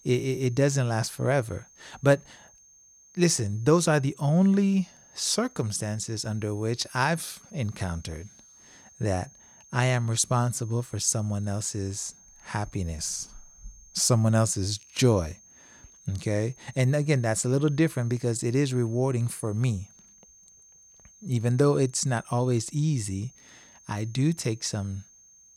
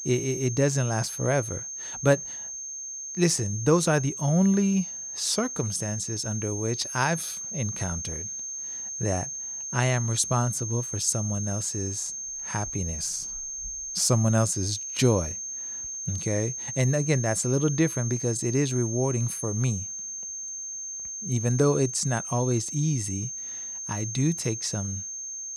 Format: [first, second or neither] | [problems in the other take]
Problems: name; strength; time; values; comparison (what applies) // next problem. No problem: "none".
first | high-pitched whine; loud; throughout; 6.5 kHz, 6 dB below the speech; faint in the first